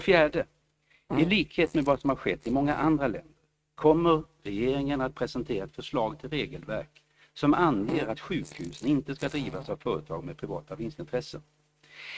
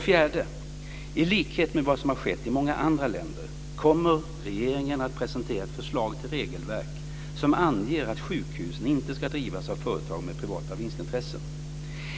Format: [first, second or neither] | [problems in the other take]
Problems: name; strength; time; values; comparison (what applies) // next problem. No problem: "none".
second | noise reduction (neural mask model RNNoise)